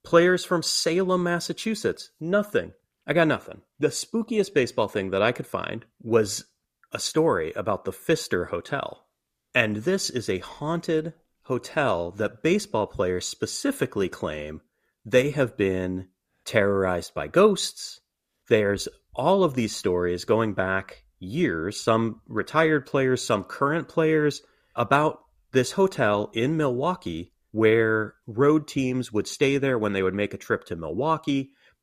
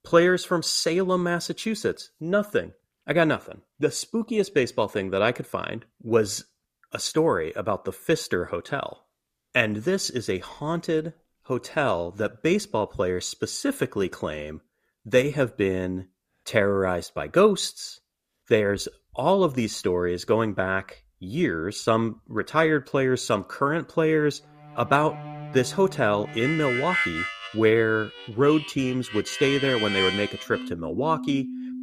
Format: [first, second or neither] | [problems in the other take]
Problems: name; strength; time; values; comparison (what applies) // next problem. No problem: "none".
first | background music; loud; from 25 s on; 6 dB below the speech